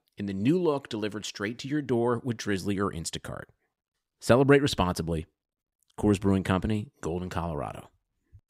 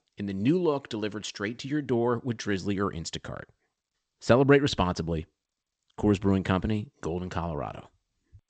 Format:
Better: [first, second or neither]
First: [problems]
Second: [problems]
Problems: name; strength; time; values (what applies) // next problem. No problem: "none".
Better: first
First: none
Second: garbled, watery; slightly; nothing above 8 kHz